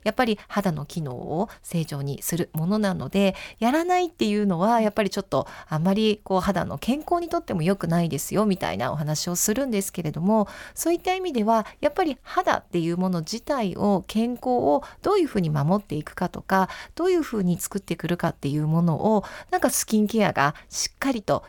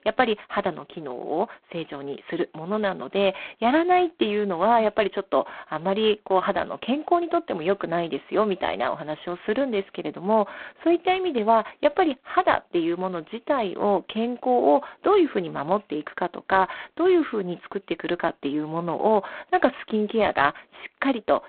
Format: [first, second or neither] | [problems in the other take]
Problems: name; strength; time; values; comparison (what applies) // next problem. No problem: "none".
first | phone-call audio; poor line